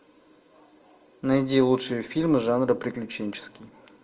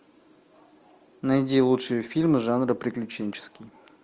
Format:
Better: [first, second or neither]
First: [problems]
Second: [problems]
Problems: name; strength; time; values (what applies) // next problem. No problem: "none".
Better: second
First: room echo; dies away in 0.6 s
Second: none